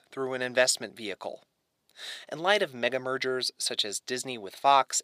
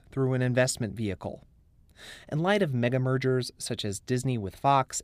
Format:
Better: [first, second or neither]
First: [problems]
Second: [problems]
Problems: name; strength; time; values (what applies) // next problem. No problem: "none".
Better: second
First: thin; very; fading below 500 Hz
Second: none